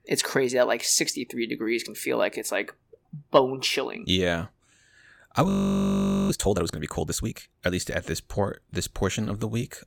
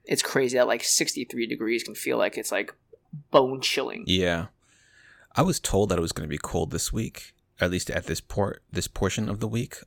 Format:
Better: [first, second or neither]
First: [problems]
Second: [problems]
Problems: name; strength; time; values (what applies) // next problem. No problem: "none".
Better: second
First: audio freezing; at 5.5 s for 1 s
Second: none